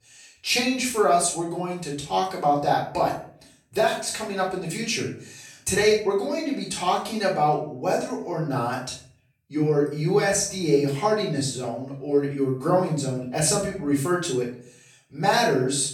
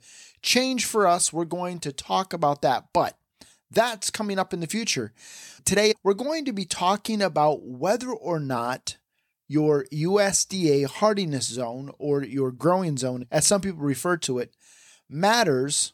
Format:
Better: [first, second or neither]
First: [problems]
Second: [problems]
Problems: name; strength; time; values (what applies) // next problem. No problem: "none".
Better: second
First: off-mic speech; far // room echo; noticeable; dies away in 0.4 s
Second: none